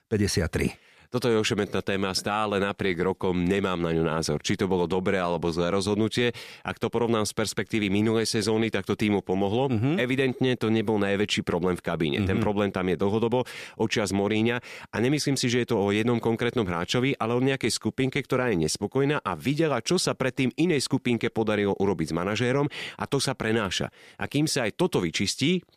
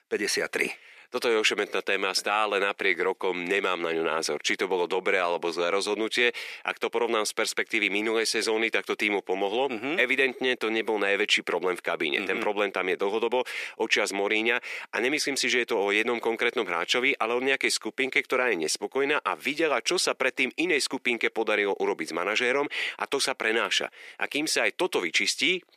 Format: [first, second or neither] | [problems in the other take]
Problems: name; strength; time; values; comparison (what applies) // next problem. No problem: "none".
first | thin; somewhat; fading below 350 Hz